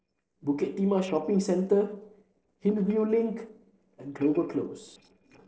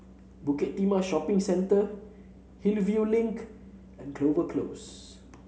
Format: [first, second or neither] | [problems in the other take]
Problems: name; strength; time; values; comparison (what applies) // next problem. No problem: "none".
second | noise reduction (neural separator model SepFormer DNS4)